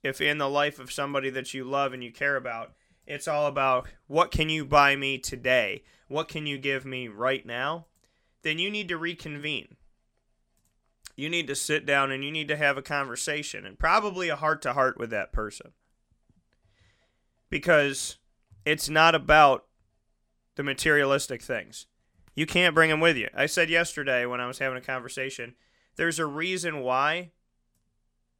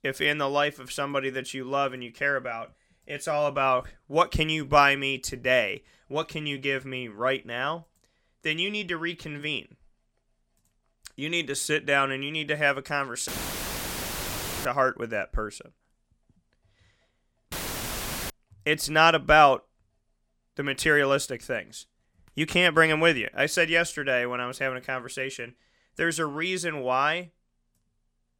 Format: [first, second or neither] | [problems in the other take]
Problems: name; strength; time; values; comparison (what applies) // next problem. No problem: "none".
first | audio cutting out; filled with static; at 13 s for 1.5 s and at 18 s for 1 s